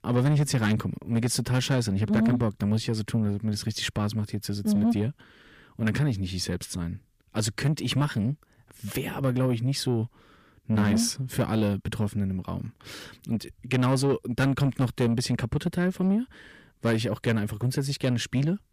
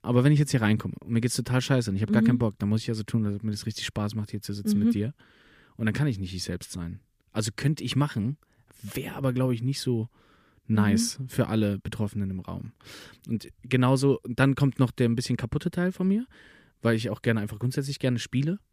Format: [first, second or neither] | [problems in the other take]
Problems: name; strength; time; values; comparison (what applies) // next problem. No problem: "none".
second | distortion; slight; 10 dB below the speech